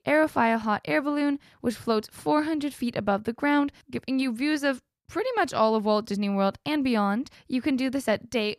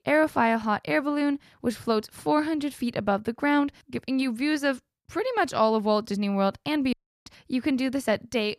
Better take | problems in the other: first | audio cutting out; at 7 s

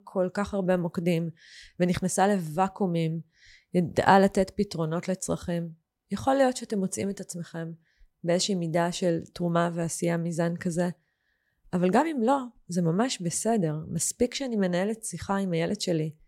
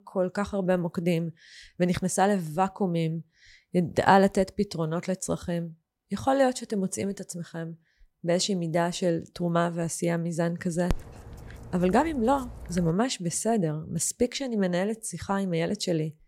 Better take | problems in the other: first | dog barking; noticeable; from 11 to 13 s; peak 8 dB below the speech

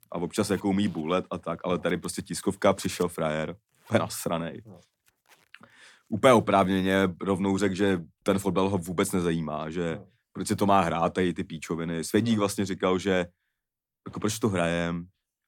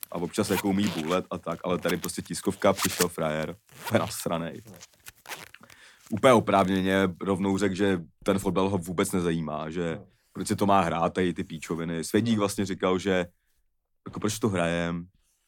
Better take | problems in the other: first | household noises; loud; throughout; 10 dB below the speech; faint in the first

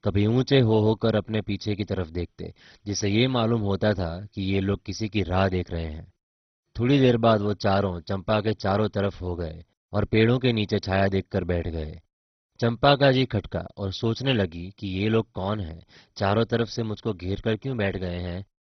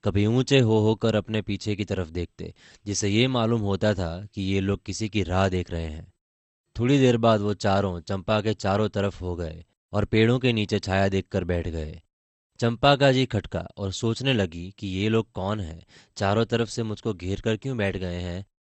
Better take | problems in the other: second | garbled, watery; badly; nothing above 6 kHz; slightly in the second

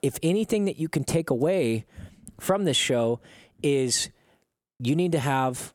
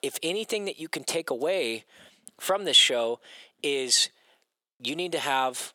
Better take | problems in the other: first | thin; somewhat; fading below 500 Hz

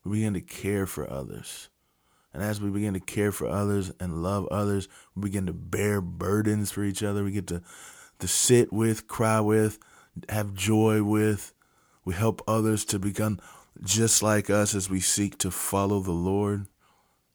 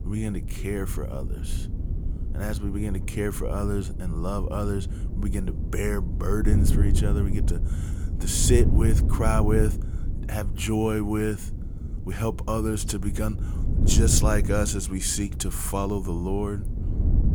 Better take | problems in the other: first | wind noise on the microphone; occasional gusts; 10 dB below the speech

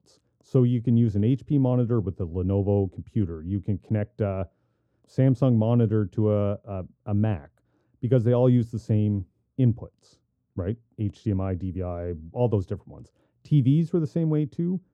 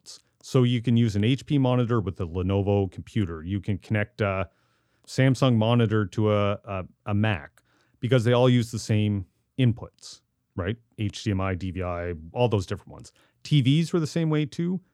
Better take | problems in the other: second | muffled; slightly; fading above 1 kHz

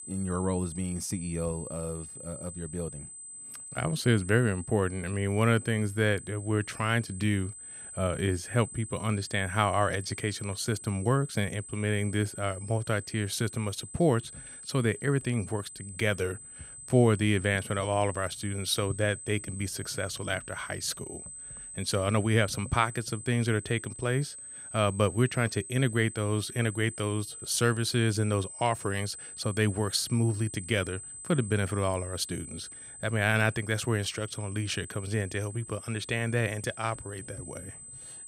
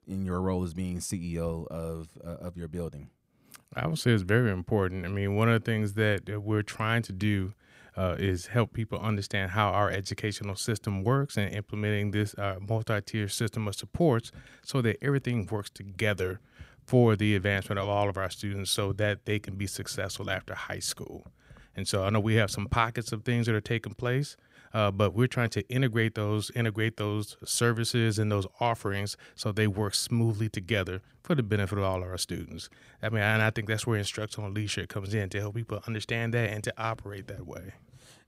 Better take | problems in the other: second | high-pitched whine; noticeable; throughout; 8 kHz, 10 dB below the speech

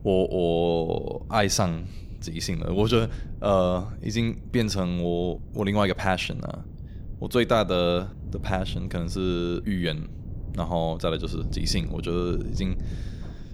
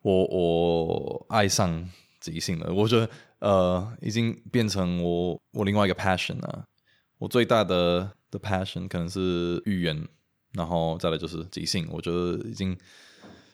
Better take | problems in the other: second | wind noise on the microphone; occasional gusts; 20 dB below the speech

